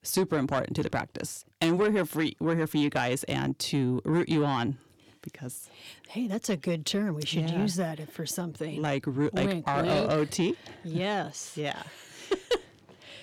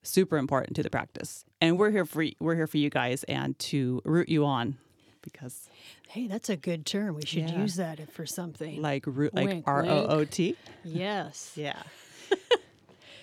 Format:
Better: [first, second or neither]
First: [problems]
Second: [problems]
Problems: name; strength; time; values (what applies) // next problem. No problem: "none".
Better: second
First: distortion; slight; 10 dB below the speech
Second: none